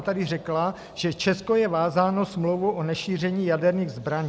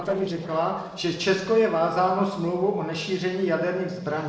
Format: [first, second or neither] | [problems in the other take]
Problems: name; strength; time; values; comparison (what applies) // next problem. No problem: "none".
first | noise reduction (neural separator model SepFormer DNS4)